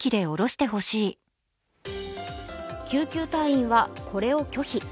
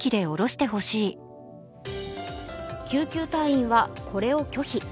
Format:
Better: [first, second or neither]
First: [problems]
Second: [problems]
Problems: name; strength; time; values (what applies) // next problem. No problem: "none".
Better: first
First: none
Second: background sound (Organ); 18 dB below the speech